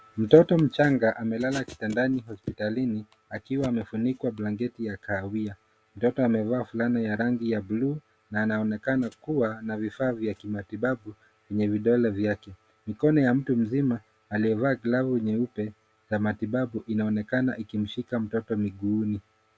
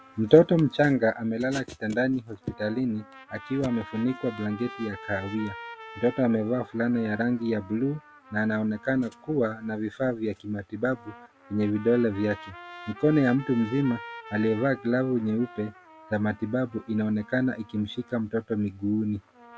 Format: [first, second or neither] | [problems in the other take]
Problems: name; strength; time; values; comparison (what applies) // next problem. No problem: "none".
first | background sound (Trumpet); 19 dB below the speech